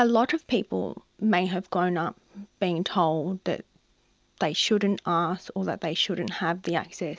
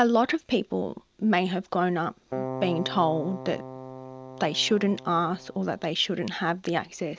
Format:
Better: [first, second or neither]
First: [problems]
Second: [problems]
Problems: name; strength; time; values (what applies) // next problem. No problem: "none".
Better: first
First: none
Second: background sound (Keyboard (musical)); 11 dB below the speech